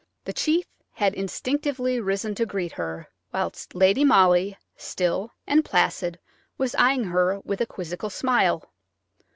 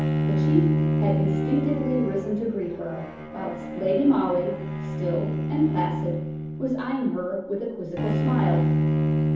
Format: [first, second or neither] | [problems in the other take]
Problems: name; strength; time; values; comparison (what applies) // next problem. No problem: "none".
first | background sound (Bowed string instrument); 2 dB above the speech // room echo; dies away in 0.9 s